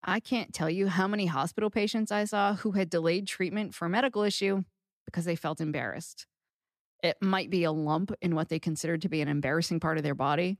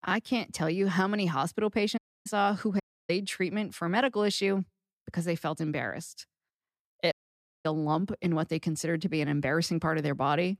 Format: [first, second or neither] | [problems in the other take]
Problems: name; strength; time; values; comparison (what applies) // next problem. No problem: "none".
first | audio cutting out; at 2 s, at 3 s and at 7 s for 0.5 s